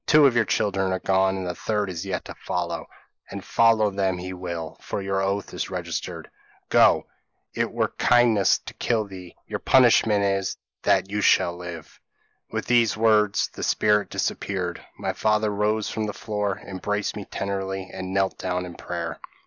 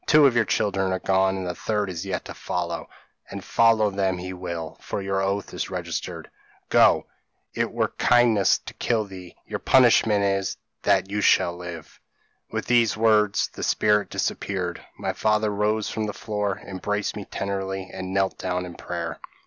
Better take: second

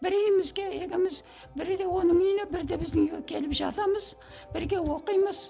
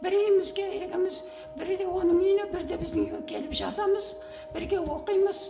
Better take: first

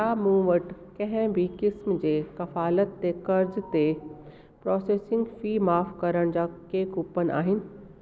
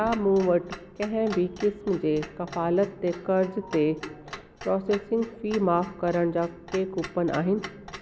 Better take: first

